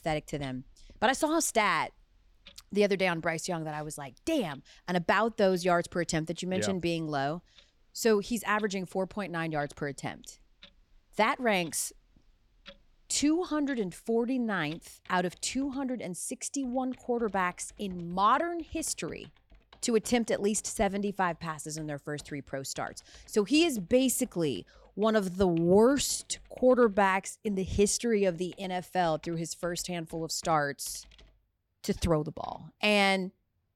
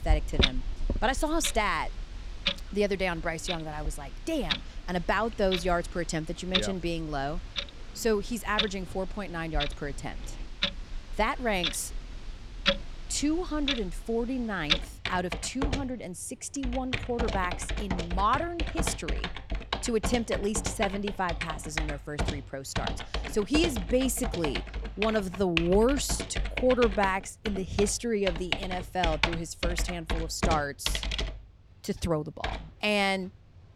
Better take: first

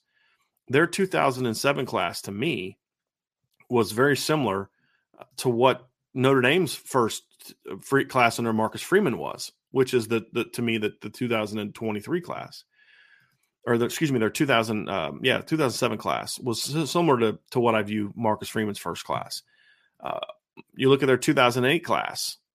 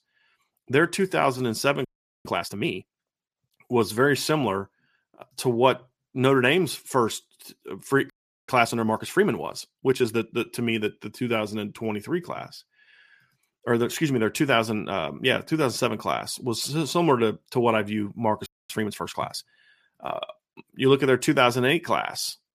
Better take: first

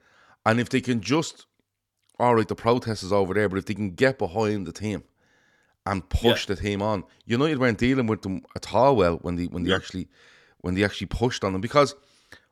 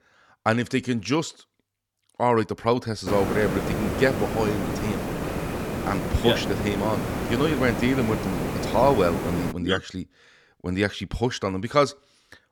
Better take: first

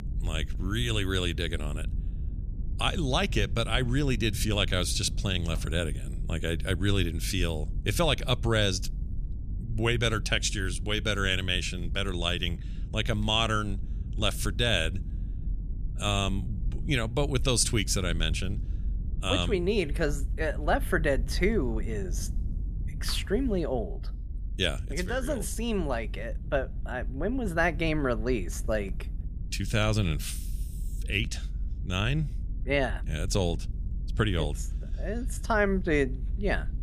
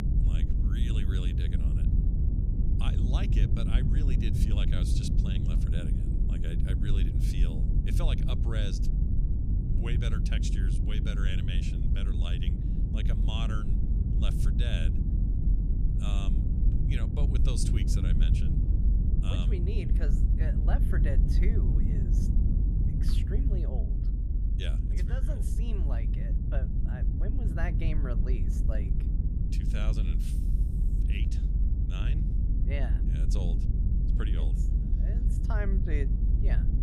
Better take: first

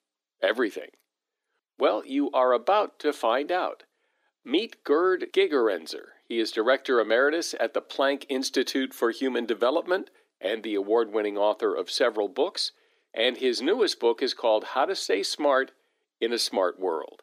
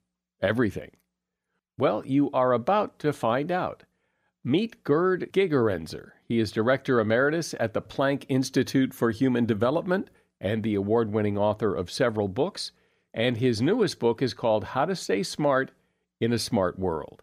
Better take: second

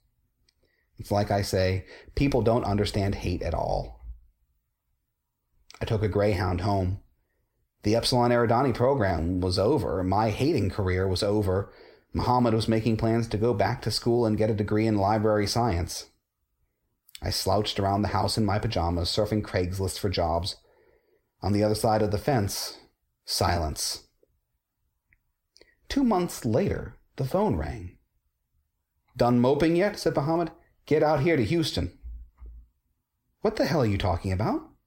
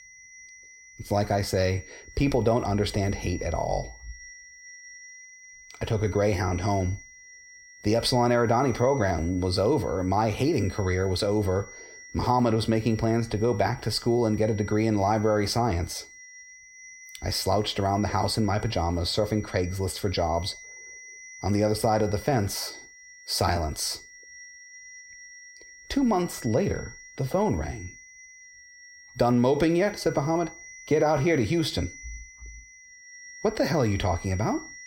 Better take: first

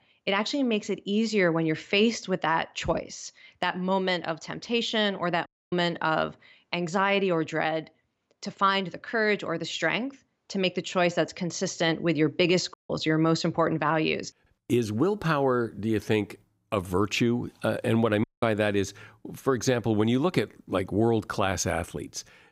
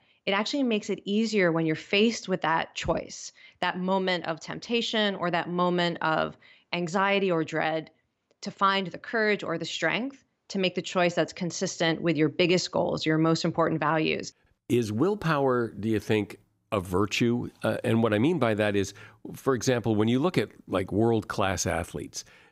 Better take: second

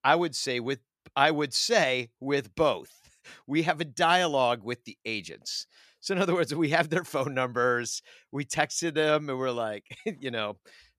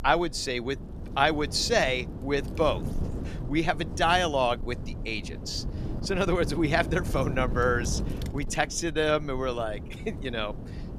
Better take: first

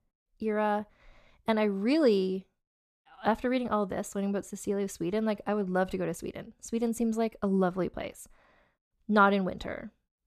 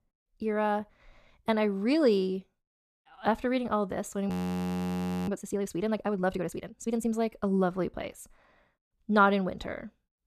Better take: first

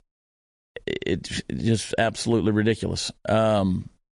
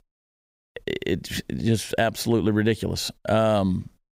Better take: second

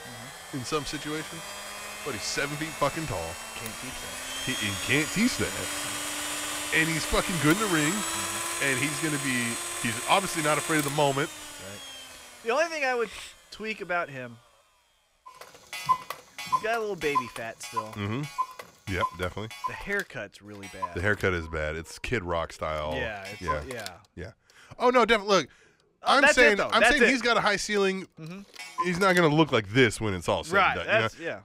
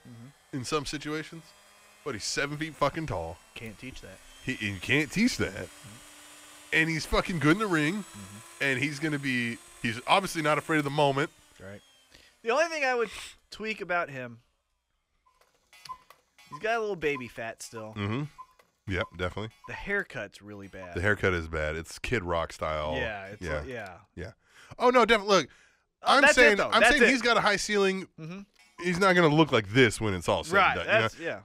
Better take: second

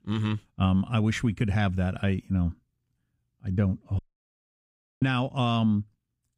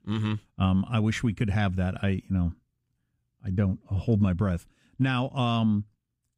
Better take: second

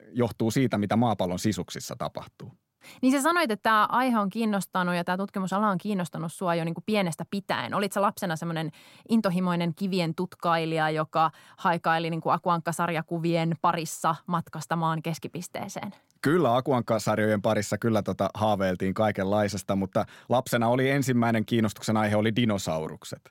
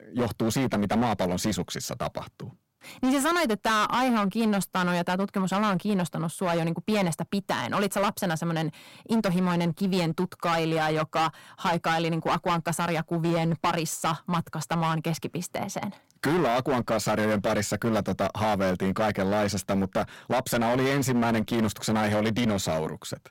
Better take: first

